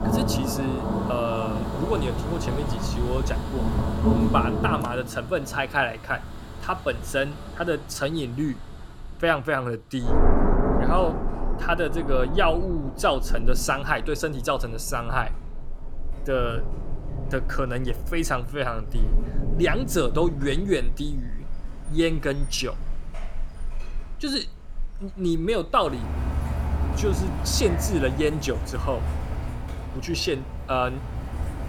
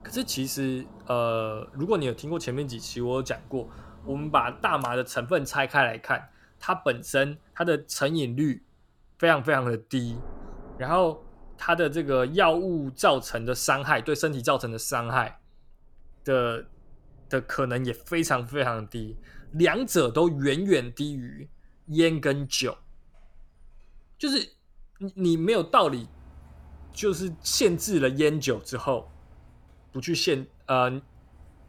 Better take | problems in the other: second | rain or running water; loud; throughout; 3 dB below the speech; faint in the second

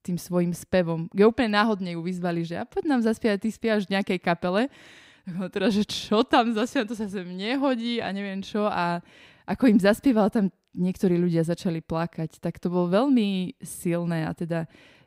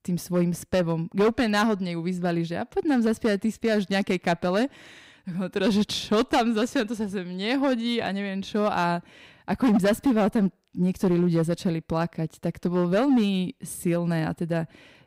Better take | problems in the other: first | distortion; slight; 5% of the sound clipped

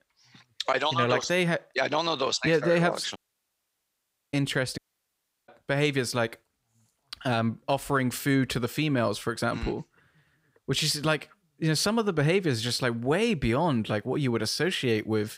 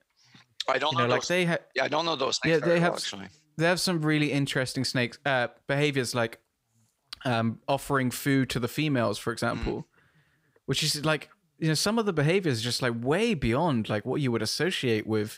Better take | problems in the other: second | audio cutting out; at 3 s for 1 s and at 5 s for 0.5 s

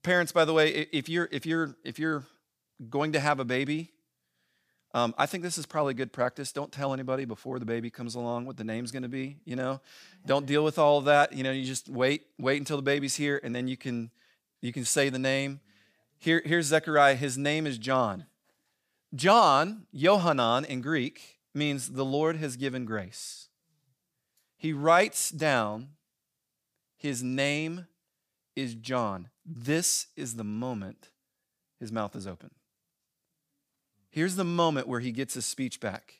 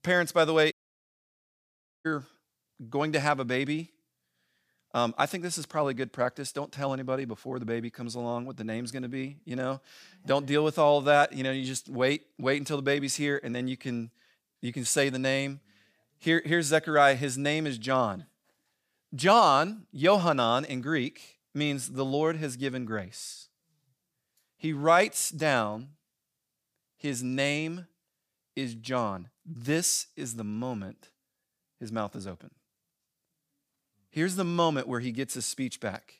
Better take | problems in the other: first | audio cutting out; at 0.5 s for 1.5 s

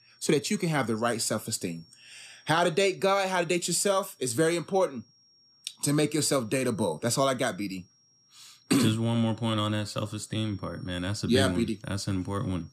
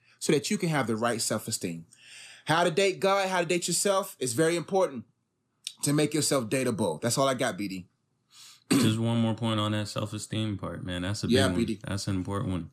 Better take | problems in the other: second | high-pitched whine; faint; throughout; 5.5 kHz, 30 dB below the speech

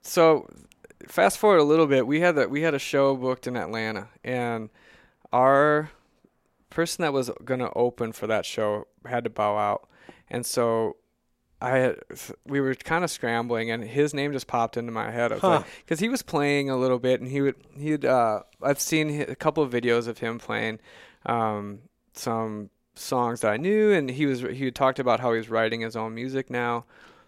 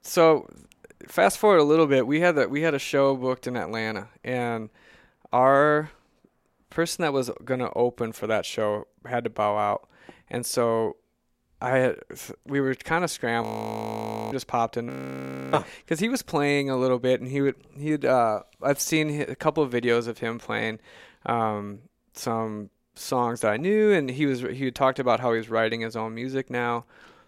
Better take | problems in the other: first | audio freezing; at 13 s for 1 s and at 15 s for 0.5 s

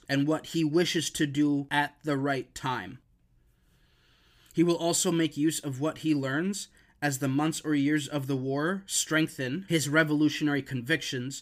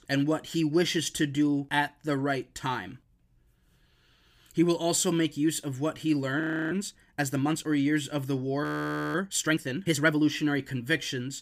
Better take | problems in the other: first | audio freezing; at 6.5 s and at 8.5 s for 0.5 s

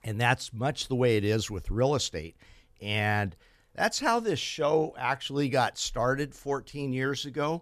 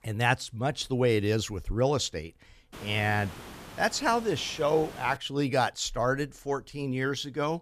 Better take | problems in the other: first | hiss; noticeable; from 2.5 to 5 s; 15 dB below the speech

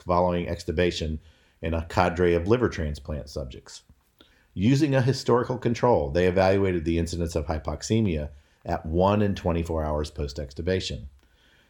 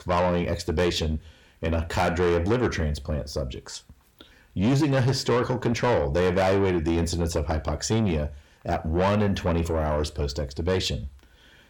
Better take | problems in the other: first | distortion; heavy; 7 dB below the speech

